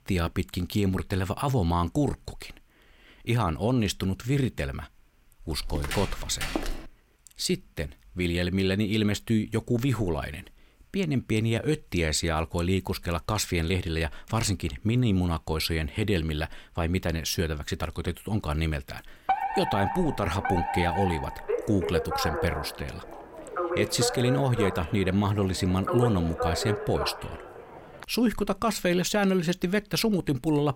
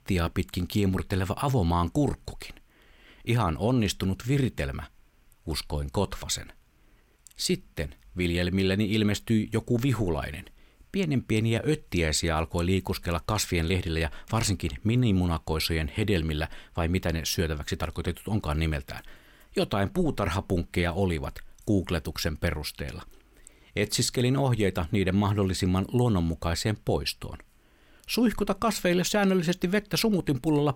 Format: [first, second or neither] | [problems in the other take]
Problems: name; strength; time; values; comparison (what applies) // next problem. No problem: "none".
second | footsteps; noticeable; from 5.5 to 7 s; peak 4 dB below the speech // alarm; loud; from 19 to 28 s; peak level with the speech